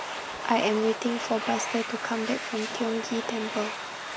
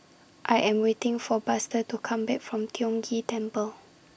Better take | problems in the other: second | background sound (Domestic sounds, home sounds); 5 dB below the speech

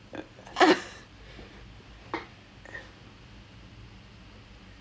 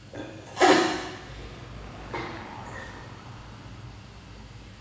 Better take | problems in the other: first | background sound (Car passing by / Engine); 17 dB below the speech // room echo; dies away in 1.1 s

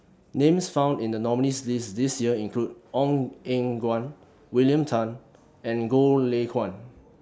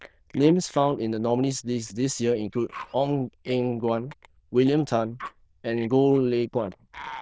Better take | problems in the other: first | noise reduction (neural diffusion model UNIVERSE++)

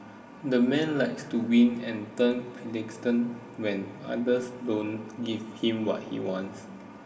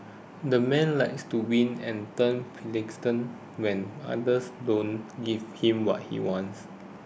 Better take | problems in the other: second | room echo; dies away in 1.6 s

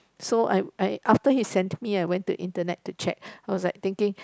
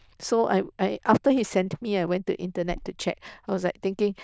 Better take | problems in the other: first | noise reduction (neural diffusion model UNIVERSE++)

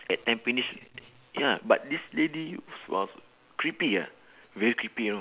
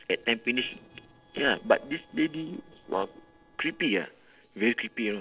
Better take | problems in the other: first | noise reduction (neural separator model SepFormer DNS4)

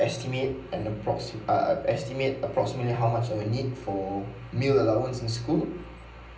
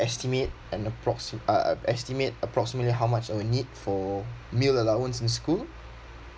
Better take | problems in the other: second | room echo; dies away in 0.6 s

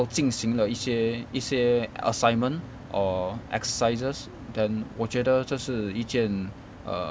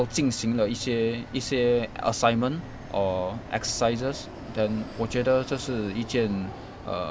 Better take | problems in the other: first | background sound (Fixed-wing aircraft, airplane); 17 dB below the speech

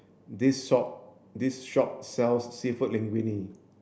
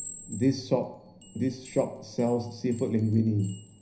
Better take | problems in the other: first | background sound (Chime); 18 dB below the speech // room echo; dies away in 0.5 s

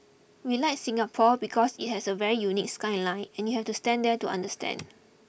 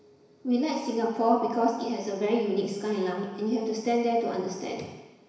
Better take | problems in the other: first | room echo; dies away in 1 s

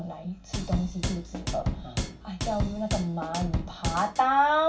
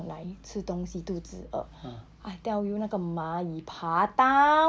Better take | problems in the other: second | background sound (Drum / Drum kit); 3 dB below the speech // room echo; dies away in 0.2 s

